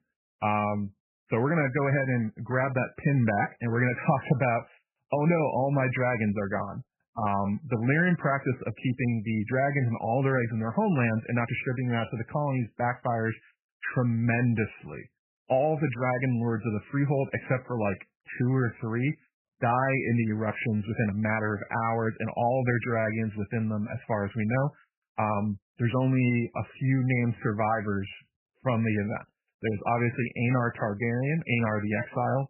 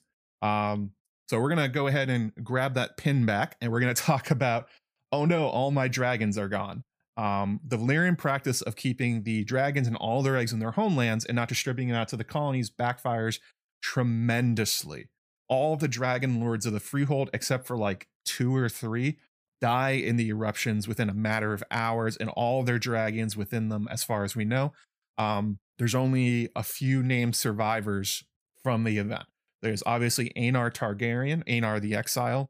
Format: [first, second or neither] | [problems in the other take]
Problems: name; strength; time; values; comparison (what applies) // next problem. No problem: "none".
second | garbled, watery; badly; nothing above 2.5 kHz